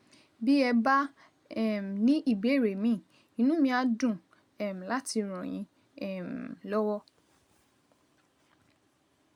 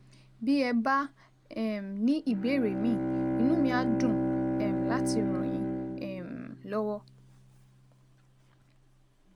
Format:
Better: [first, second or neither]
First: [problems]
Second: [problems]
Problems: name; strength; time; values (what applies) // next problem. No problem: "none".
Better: first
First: none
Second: background sound (Bowed string instrument); 1 dB below the speech